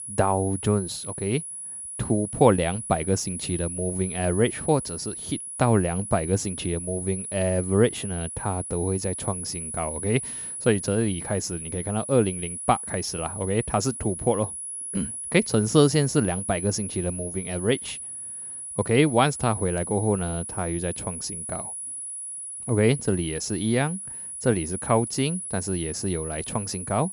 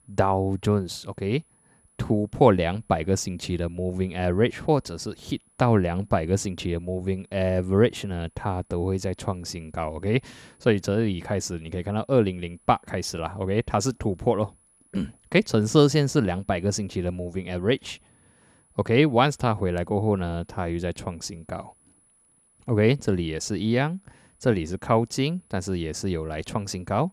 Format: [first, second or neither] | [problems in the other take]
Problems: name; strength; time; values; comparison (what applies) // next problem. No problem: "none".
second | high-pitched whine; loud; throughout; 10 kHz, 7 dB below the speech; faint in the second